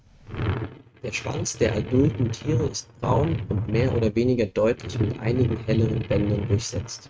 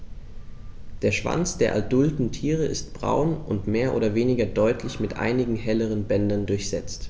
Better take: second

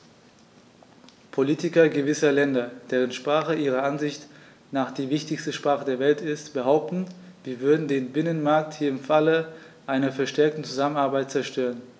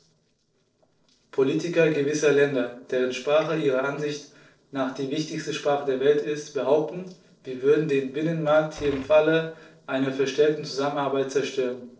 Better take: first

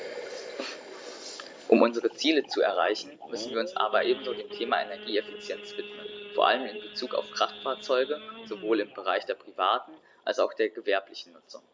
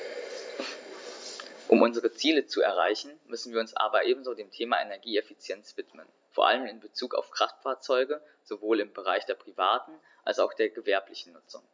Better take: second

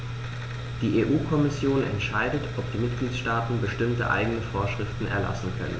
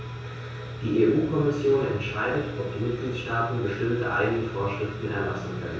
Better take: first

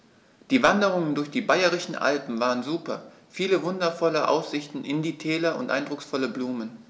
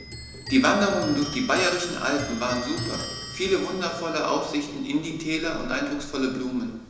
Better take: first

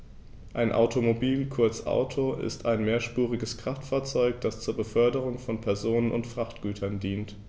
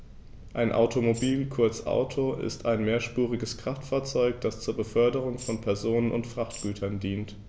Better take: first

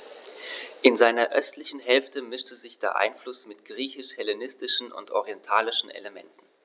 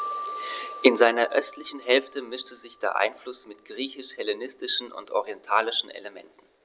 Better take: first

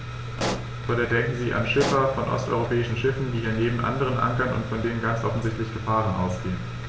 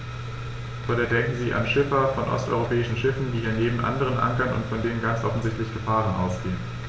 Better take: second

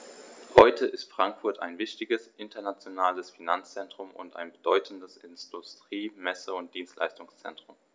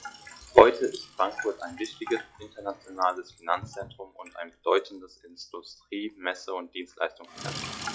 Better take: first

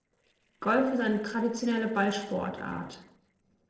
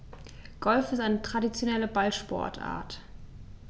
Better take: second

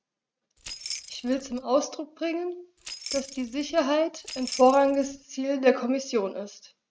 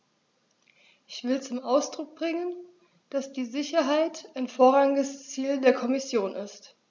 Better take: second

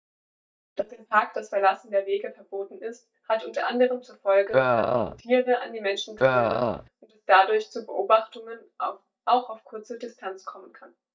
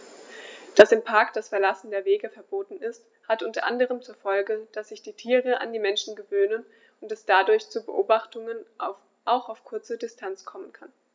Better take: second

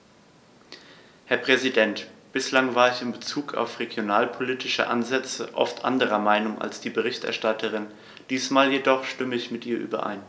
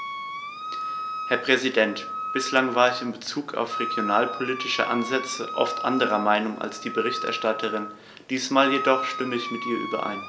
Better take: first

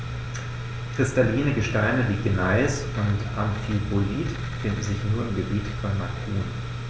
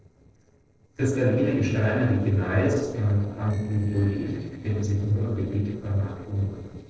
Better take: first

